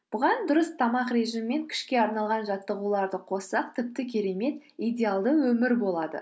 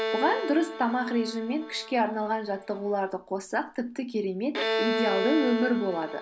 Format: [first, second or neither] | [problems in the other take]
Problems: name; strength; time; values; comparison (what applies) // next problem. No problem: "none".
first | background sound (Bowed string instrument); 5 dB below the speech